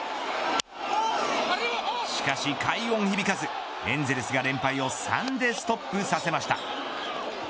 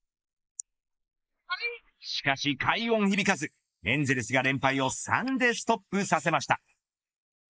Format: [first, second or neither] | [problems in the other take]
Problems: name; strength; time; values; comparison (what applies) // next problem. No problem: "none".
first | noise reduction (neural mask model Resemble Enhance denoiser)